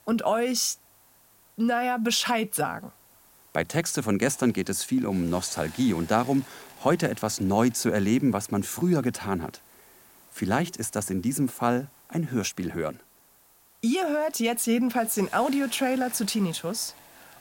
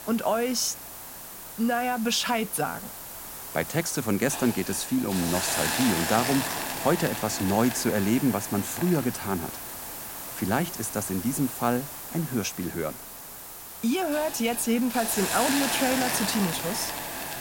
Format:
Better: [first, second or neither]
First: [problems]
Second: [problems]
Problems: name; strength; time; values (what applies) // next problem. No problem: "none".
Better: first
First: hiss; faint; throughout; 25 dB below the speech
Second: hiss; loud; throughout; 5 dB below the speech